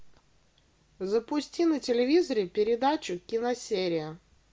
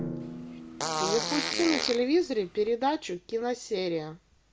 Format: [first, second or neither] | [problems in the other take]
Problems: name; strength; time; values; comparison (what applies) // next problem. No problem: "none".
first | background sound (Fart + Drum); 5 dB below the speech